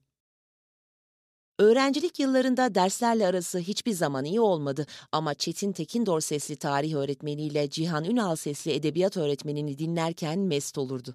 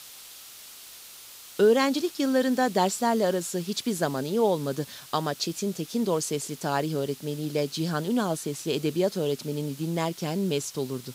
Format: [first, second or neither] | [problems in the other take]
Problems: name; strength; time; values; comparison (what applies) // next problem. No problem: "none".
first | hiss; noticeable; throughout; 15 dB below the speech